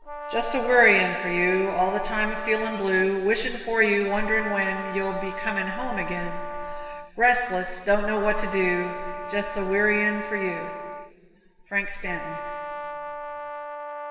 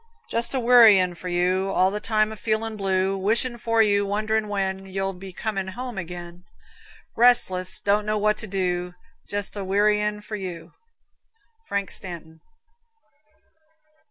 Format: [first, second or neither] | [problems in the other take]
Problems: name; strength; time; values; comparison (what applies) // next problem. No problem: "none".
second | background sound (Brass instrument); 10 dB below the speech // room echo; dies away in 2.8 s